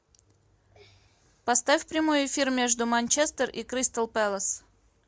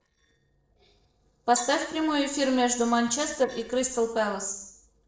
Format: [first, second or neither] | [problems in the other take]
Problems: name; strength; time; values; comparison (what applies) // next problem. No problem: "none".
first | noise reduction (neural separator model SepFormer DNS4)